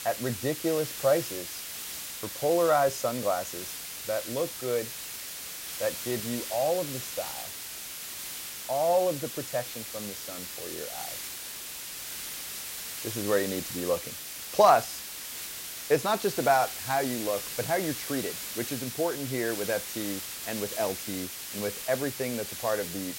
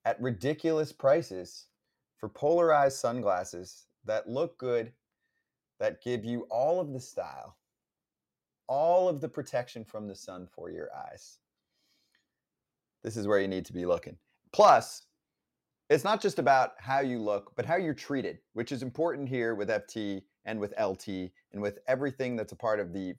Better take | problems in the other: second | hiss; loud; throughout; 6 dB below the speech

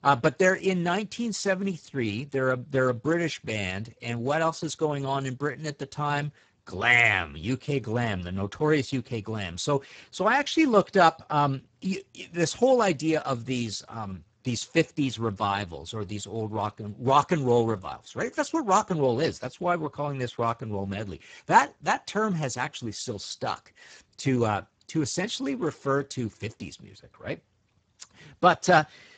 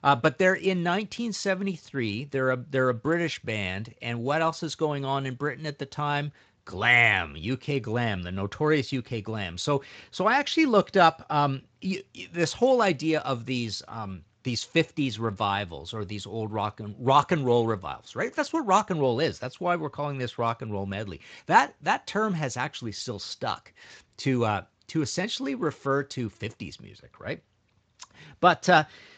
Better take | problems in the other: second | garbled, watery; badly; nothing above 7.5 kHz; slightly in the second

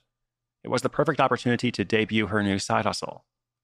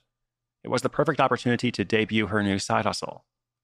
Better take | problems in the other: neither | none

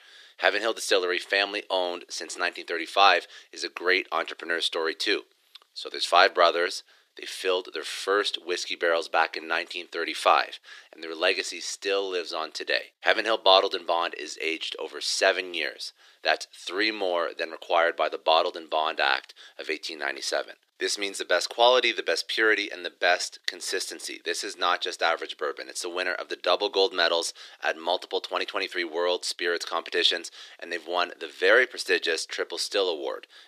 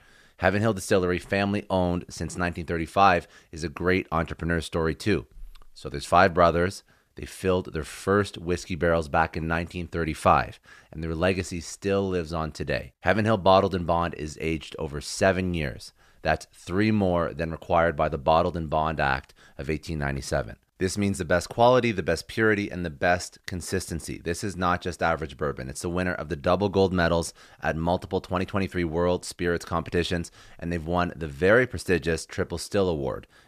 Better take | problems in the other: second | thin; very; fading below 350 Hz

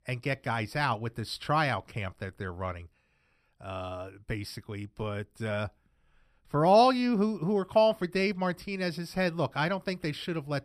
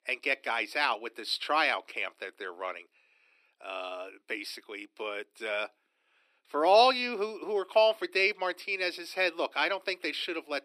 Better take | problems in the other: first | thin; very; fading below 300 Hz

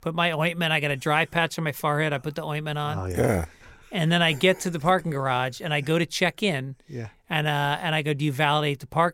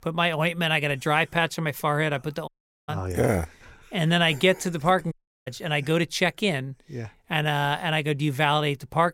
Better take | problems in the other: first | audio cutting out; at 2.5 s and at 5 s

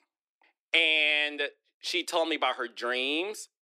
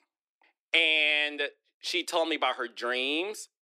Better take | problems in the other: neither | thin; somewhat; fading below 300 Hz; the same in both

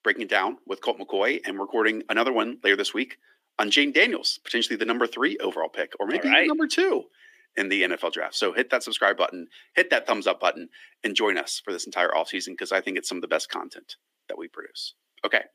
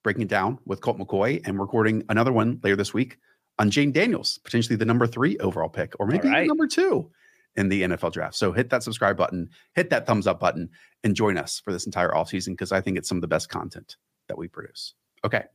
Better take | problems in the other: second | thin; somewhat; fading below 300 Hz

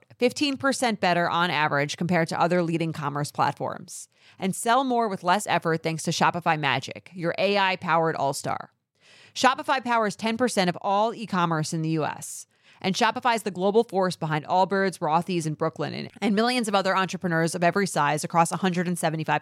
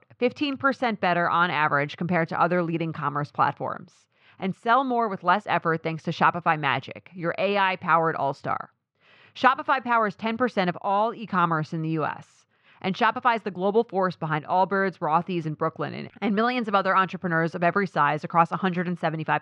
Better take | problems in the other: first | muffled; slightly; fading above 3 kHz

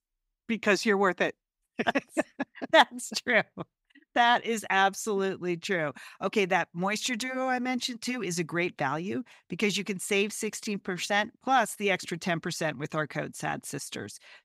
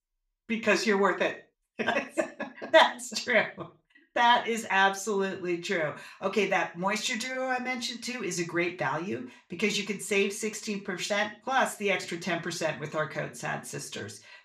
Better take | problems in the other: first | room echo; very slight; dies away in 0.3 s

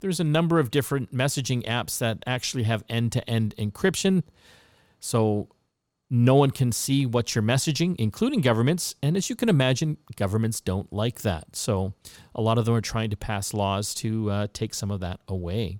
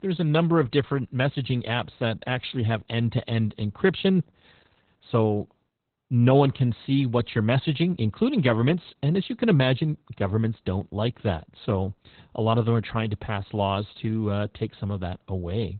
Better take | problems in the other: first | garbled, watery; badly; nothing above 4 kHz

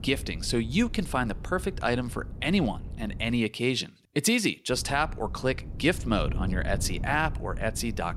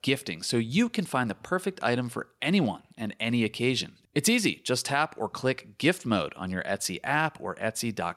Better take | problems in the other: second | wind noise on the microphone; occasional gusts; until 3.5 s and from 4.5 s on; 20 dB below the speech

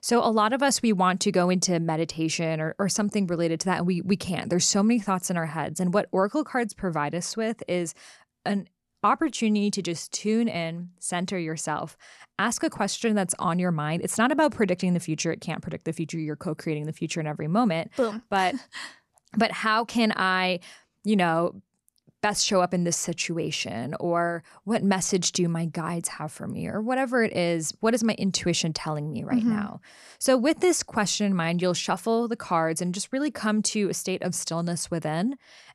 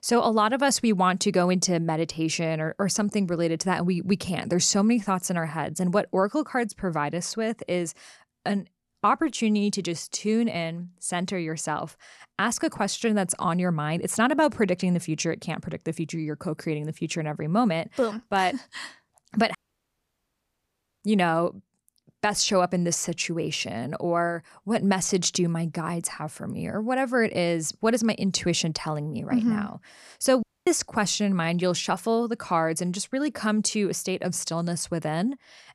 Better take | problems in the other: first | audio cutting out; at 20 s for 1.5 s and at 30 s

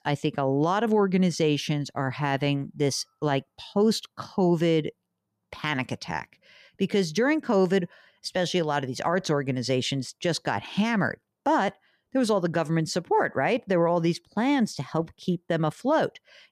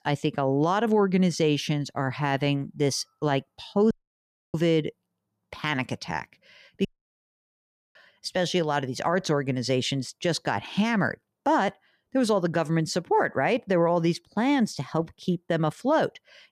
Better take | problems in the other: first | audio cutting out; at 4 s for 0.5 s and at 7 s for 1 s

